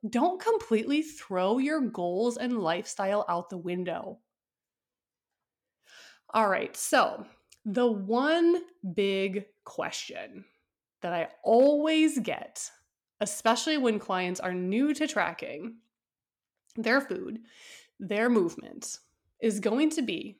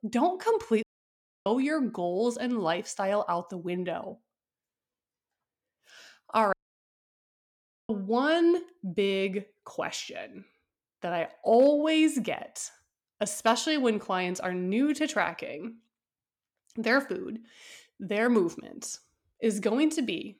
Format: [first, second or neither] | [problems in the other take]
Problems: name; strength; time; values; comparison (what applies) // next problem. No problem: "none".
first | audio cutting out; at 1 s for 0.5 s and at 6.5 s for 1.5 s